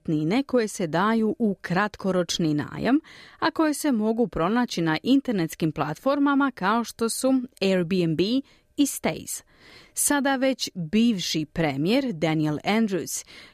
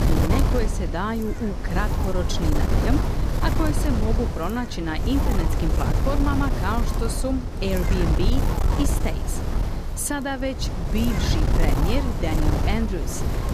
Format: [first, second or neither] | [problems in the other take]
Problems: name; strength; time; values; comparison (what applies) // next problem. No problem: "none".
first | wind noise on the microphone; heavy; 2 dB below the speech